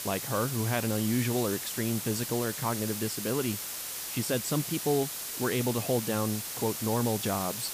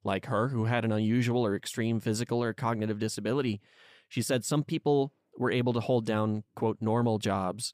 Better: second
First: hiss; loud; throughout; 3 dB below the speech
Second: none

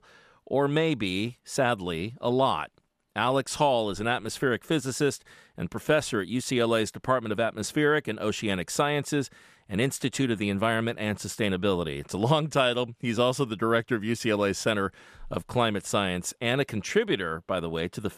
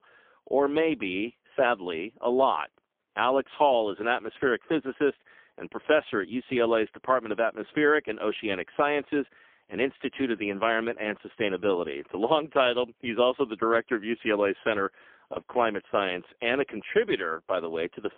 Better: first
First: none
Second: phone-call audio; poor line; nothing above 3.5 kHz

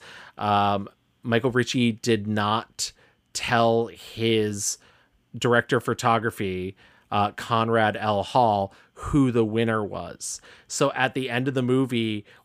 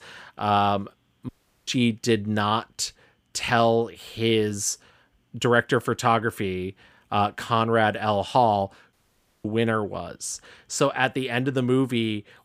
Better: first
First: none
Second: audio cutting out; at 1.5 s and at 9 s for 0.5 s

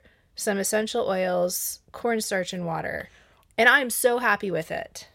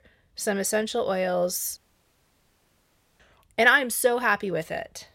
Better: first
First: none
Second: audio cutting out; at 2 s for 1.5 s

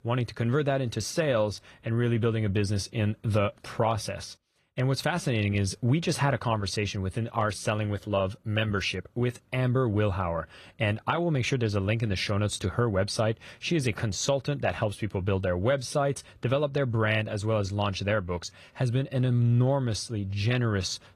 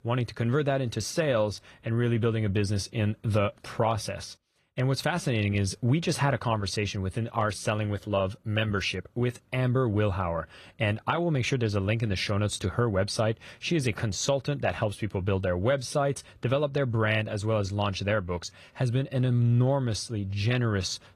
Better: neither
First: garbled, watery; slightly; nothing above 14.5 kHz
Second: garbled, watery; slightly; nothing above 14.5 kHz

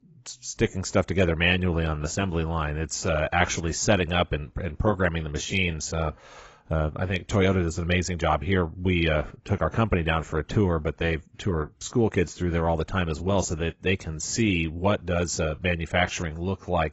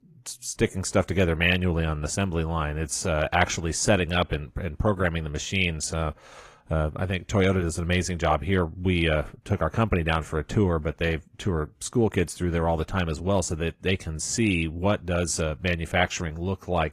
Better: second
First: garbled, watery; badly; nothing above 7.5 kHz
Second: garbled, watery; slightly

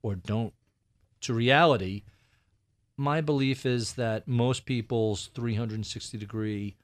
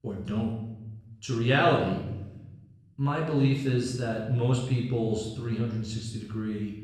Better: first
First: none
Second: off-mic speech; far // room echo; noticeable; dies away in 1 s

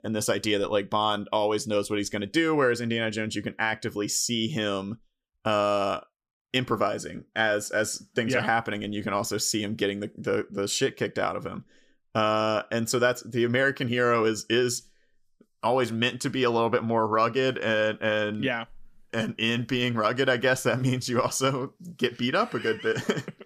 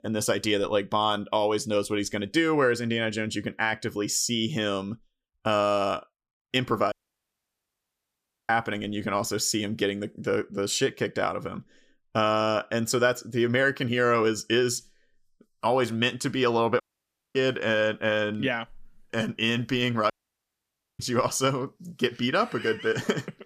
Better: first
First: none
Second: audio cutting out; at 7 s for 1.5 s, at 17 s for 0.5 s and at 20 s for 1 s

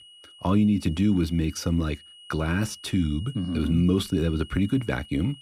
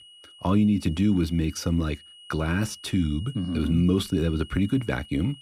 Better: neither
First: high-pitched whine; faint; throughout; 3 kHz, 20 dB below the speech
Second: high-pitched whine; faint; throughout; 3 kHz, 20 dB below the speech

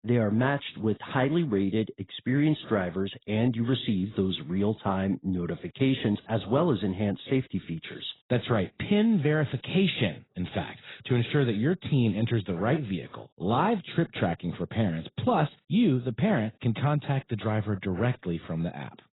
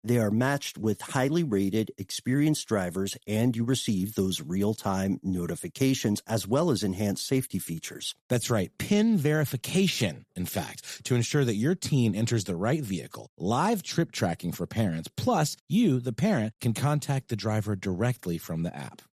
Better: second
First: garbled, watery; badly; nothing above 4 kHz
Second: none

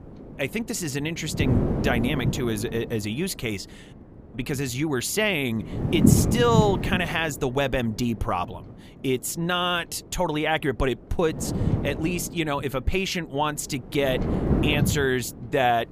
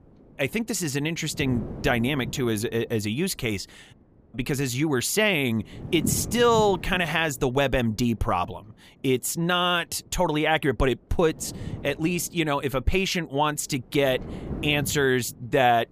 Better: second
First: wind noise on the microphone; heavy; 6 dB below the speech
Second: wind noise on the microphone; occasional gusts; 20 dB below the speech

